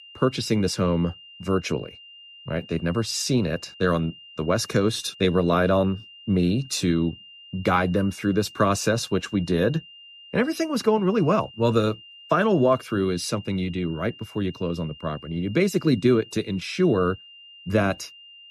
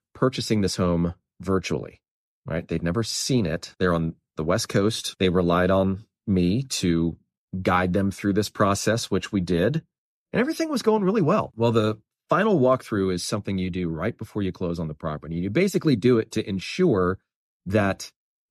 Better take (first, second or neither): second